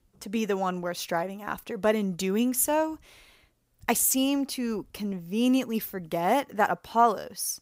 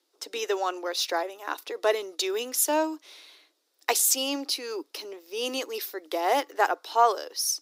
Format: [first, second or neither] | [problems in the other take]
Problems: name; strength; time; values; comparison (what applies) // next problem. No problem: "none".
first | thin; somewhat; fading below 300 Hz